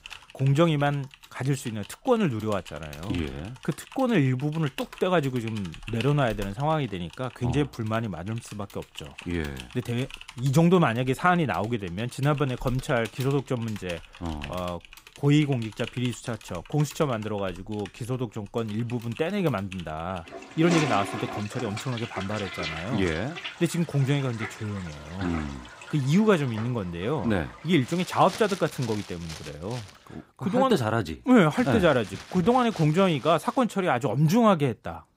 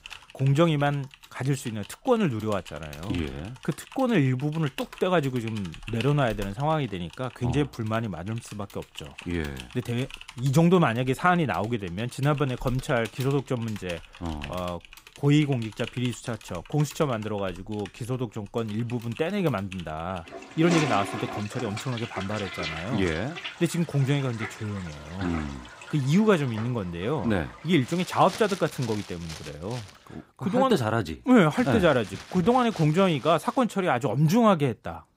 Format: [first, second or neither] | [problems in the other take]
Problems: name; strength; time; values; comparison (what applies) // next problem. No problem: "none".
neither | household noises; noticeable; throughout; 15 dB below the speech; the same in both